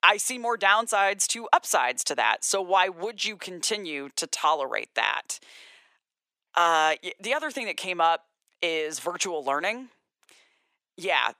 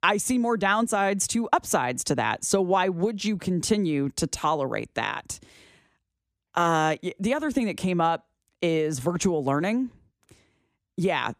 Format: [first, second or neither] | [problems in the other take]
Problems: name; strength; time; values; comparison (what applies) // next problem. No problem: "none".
second | thin; very; fading below 700 Hz